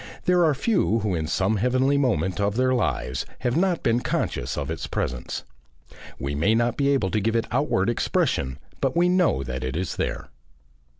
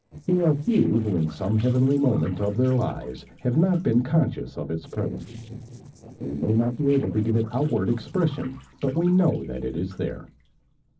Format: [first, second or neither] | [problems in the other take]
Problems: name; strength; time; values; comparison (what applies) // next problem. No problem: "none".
first | noise reduction (neural separator model SepFormer DNS4)